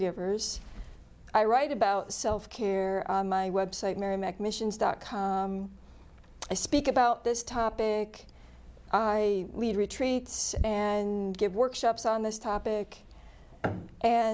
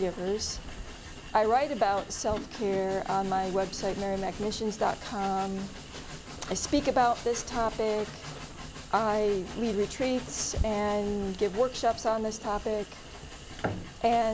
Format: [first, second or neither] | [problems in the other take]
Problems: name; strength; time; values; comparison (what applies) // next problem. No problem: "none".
first | background sound (Train); 13 dB below the speech